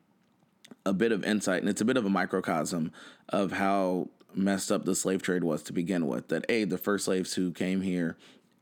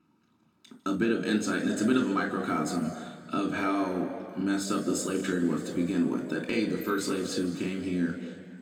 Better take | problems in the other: first | room echo; noticeable; dies away in 1.9 s // off-mic speech; far

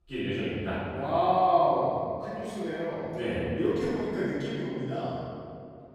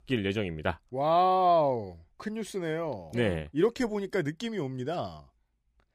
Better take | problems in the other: second | off-mic speech; far // room echo; strong; dies away in 2.2 s

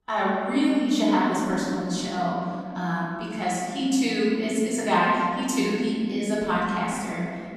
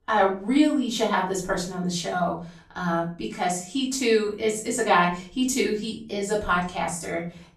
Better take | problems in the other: second | room echo; strong; dies away in 2.7 s; slight in the second // off-mic speech; far; far in the second

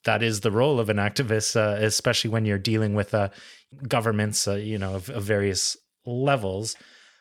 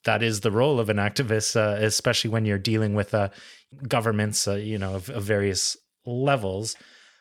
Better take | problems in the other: neither | none

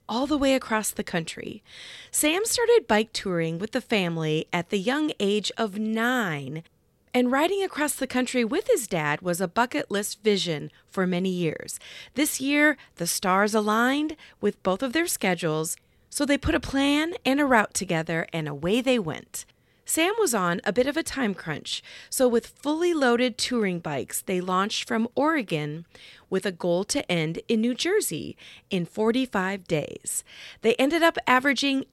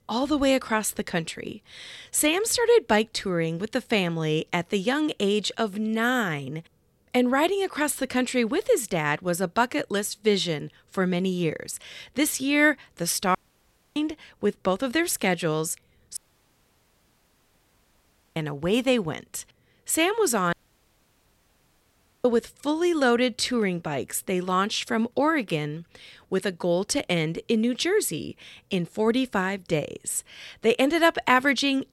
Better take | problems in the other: first | audio cutting out; at 13 s for 0.5 s, at 16 s for 2 s and at 21 s for 1.5 s

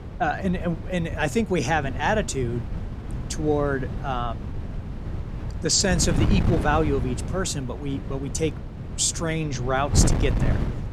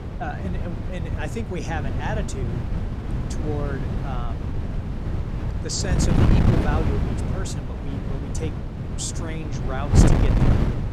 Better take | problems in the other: first | wind noise on the microphone; heavy; as loud as the speech; occasional gusts in the first

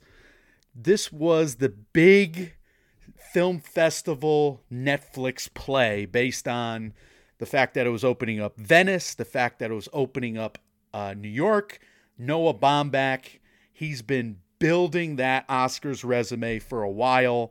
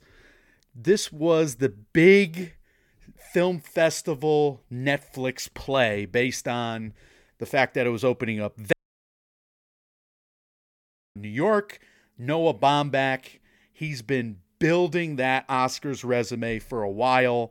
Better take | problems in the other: first | audio cutting out; at 8.5 s for 2.5 s

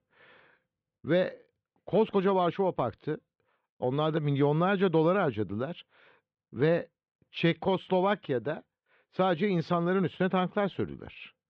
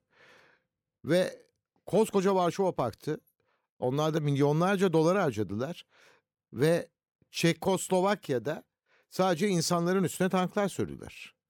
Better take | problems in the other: second | muffled; very; fading above 3.5 kHz

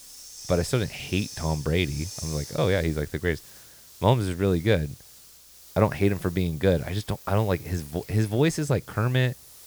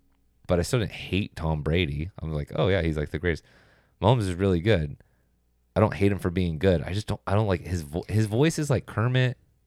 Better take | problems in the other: second | hiss; noticeable; throughout; 15 dB below the speech

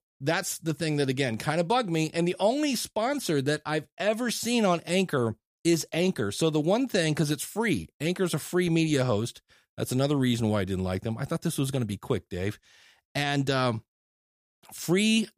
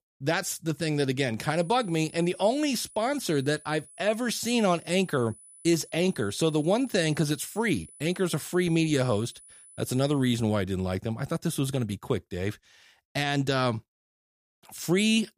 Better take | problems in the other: first | high-pitched whine; faint; from 1.5 to 10 s; 10 kHz, 20 dB below the speech

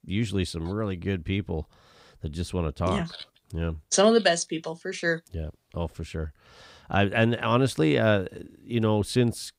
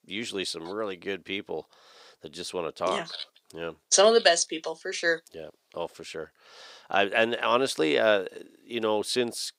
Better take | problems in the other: first | thin; somewhat; fading below 450 Hz

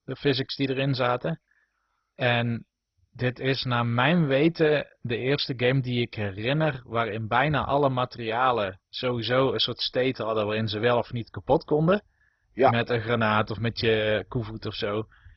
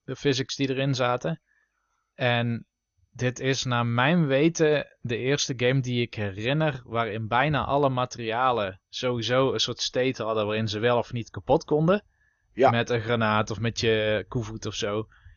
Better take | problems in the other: second | garbled, watery; badly; nothing above 5.5 kHz; slightly in the second

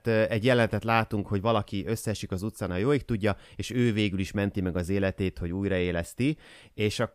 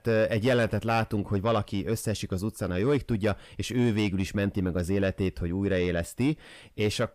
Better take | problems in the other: first | distortion; slight; 10 dB below the speech

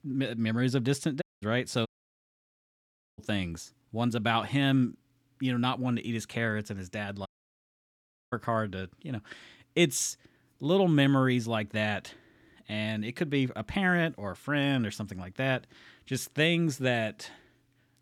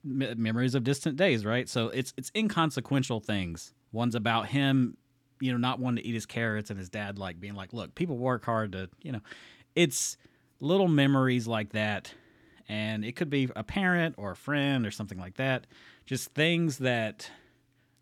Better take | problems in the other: second | audio cutting out; at 1 s, at 2 s for 1.5 s and at 7.5 s for 1 s

